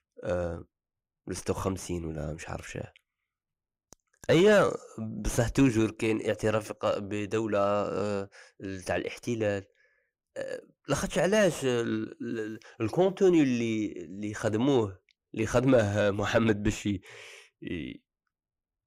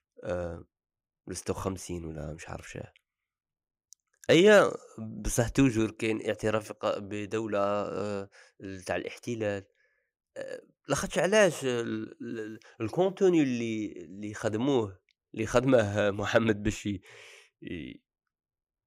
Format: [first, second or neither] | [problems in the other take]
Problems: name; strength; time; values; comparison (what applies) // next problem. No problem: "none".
second | distortion; slight; 10 dB below the speech